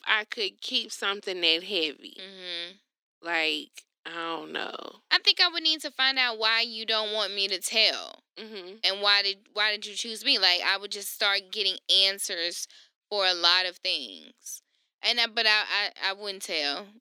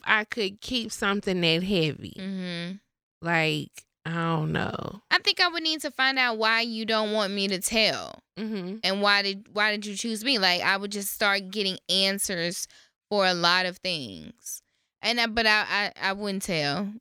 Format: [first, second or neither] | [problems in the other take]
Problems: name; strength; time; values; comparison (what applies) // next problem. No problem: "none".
second | thin; somewhat; fading below 250 Hz